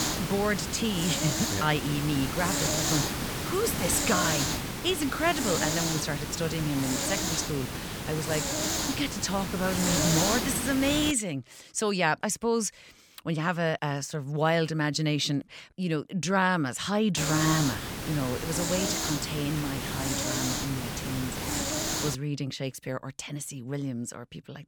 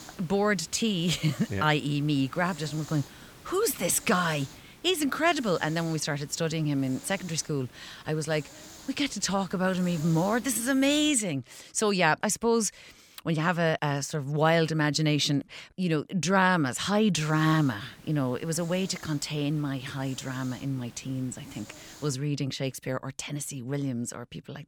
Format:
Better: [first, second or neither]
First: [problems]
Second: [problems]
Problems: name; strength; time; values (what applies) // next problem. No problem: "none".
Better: second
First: hiss; loud; until 11 s and from 17 to 22 s; as loud as the speech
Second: hiss; faint; until 11 s and from 17 to 22 s; 20 dB below the speech